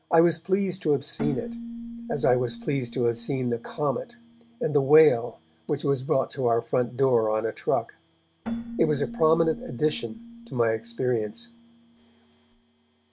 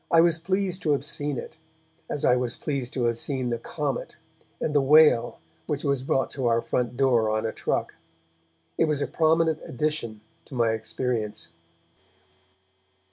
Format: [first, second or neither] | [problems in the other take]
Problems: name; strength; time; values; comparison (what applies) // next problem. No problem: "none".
second | background sound (Keyboard (musical)); 15 dB below the speech